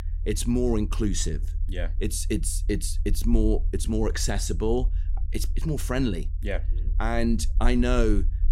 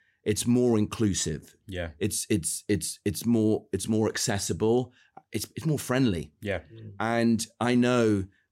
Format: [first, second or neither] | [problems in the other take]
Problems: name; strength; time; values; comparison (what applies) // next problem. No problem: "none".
second | low rumble; faint; throughout; 20 dB below the speech